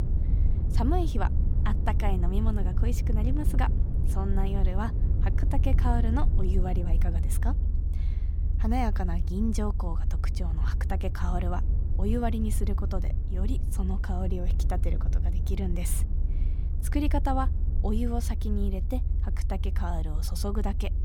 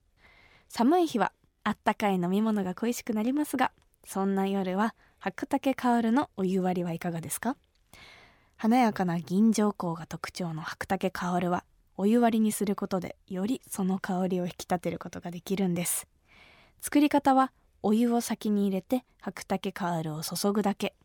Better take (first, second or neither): second